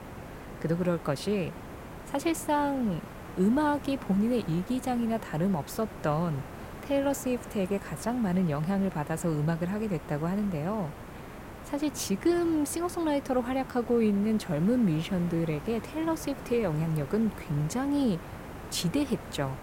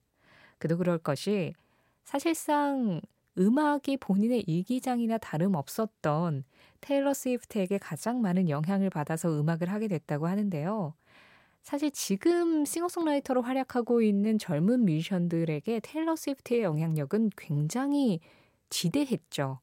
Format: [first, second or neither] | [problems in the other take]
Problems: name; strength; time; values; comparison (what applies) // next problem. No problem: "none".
second | hiss; noticeable; throughout; 15 dB below the speech